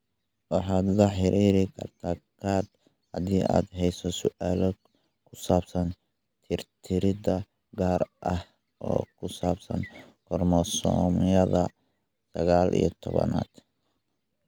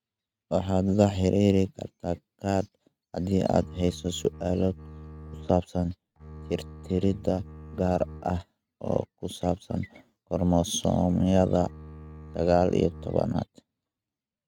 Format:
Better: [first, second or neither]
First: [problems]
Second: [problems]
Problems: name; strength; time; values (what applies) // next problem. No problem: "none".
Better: first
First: none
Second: noise reduction (neural mask model RNNoise)